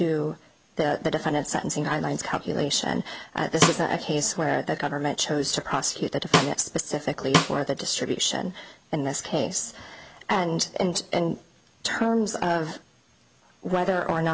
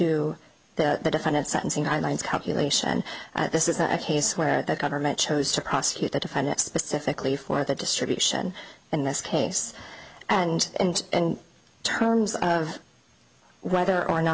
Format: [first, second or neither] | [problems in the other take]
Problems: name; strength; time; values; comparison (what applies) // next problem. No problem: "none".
second | background sound (Snare drum); as loud as the speech